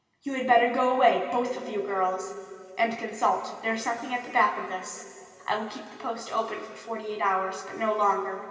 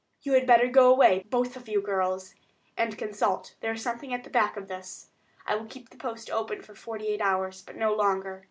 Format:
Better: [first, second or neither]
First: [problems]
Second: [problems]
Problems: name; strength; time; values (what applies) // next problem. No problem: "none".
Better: second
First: room echo; dies away in 2.5 s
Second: none